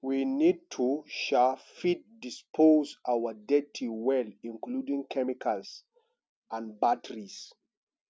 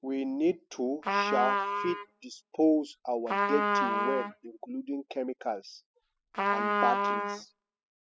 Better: first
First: none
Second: noise reduction (classical method spectral subtraction)

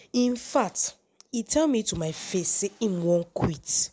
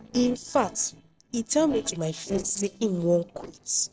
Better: first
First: none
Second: noise reduction (neural separator model SepFormer DNS4)

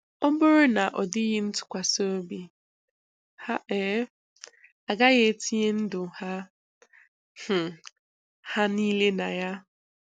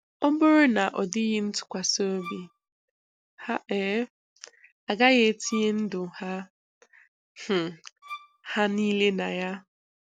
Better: first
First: none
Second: background sound (Bowed string instrument); 16 dB below the speech

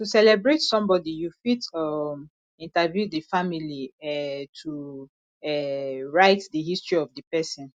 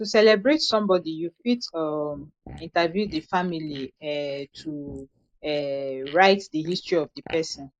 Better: first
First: none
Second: noise reduction (neural mask model Resemble Enhance denoiser)

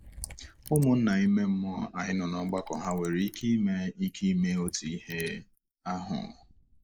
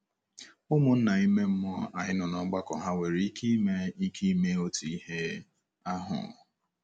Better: second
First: noise reduction (neural mask model Resemble Enhance denoiser)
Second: none

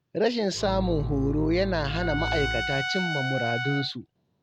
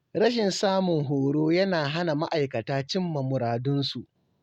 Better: second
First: background sound (Trumpet + Bowed string instrument); 3 dB below the speech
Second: none

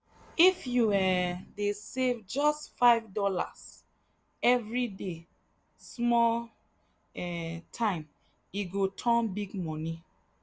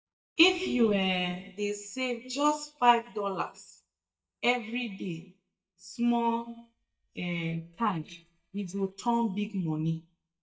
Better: first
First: none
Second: noise reduction (neural mask model DeepFilterNet 3)

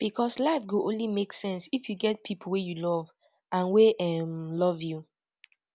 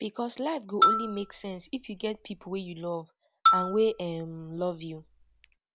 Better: first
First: none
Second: background sound (Marimba, xylophone); 3 dB above the speech

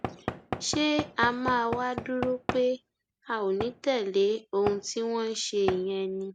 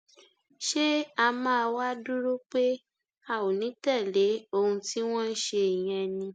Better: second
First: background sound (Knock / Wood); 10 dB below the speech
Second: none

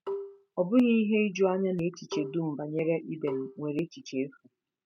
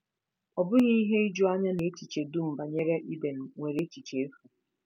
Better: second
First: noise reduction (neural mask model RNNoise)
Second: none

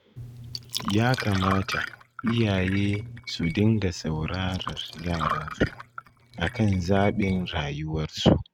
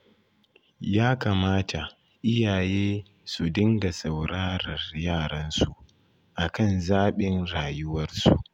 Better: second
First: noise reduction (neural mask model RNNoise)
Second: none

